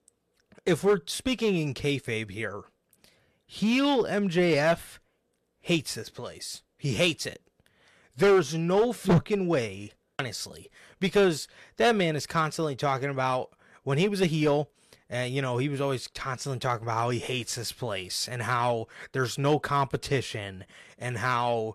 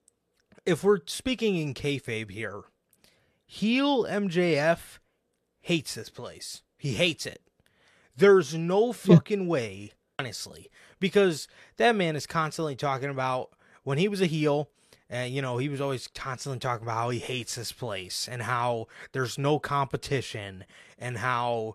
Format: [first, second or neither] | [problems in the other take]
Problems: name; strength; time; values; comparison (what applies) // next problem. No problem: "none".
second | distortion; slight; 3% of the sound clipped